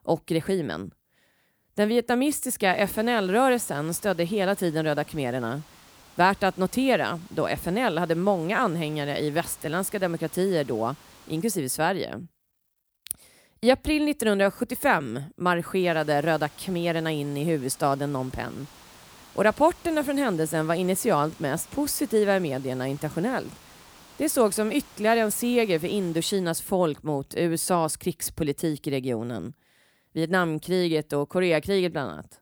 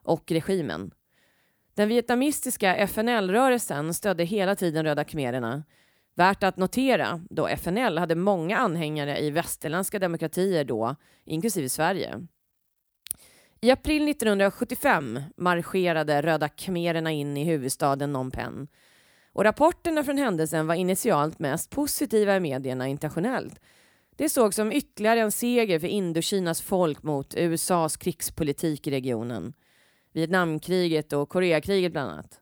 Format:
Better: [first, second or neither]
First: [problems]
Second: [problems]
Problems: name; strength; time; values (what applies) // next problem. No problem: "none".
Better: second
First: hiss; faint; from 2.5 to 11 s and from 16 to 26 s; 25 dB below the speech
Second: none